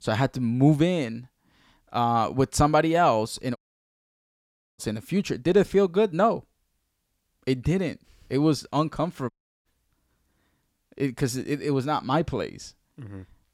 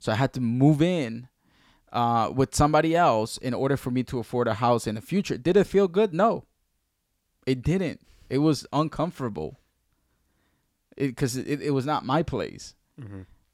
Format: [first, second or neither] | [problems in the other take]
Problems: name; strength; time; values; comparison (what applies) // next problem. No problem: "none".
second | audio cutting out; at 3.5 s for 1 s and at 9.5 s